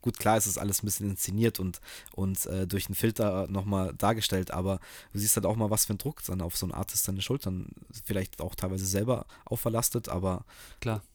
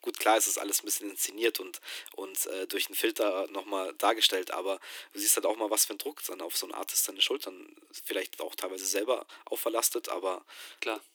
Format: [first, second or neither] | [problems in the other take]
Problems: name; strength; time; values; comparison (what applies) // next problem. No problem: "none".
first | thin; very; fading below 300 Hz